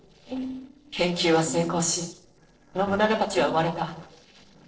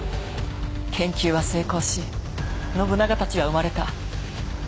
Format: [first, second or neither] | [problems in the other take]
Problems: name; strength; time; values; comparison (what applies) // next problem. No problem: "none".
second | noise reduction (neural separator model SepFormer DNS4)